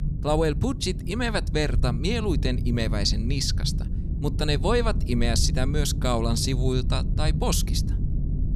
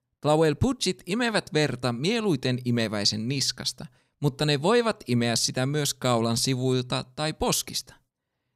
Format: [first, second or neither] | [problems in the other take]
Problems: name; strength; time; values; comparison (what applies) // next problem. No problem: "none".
second | low rumble; noticeable; throughout; 15 dB below the speech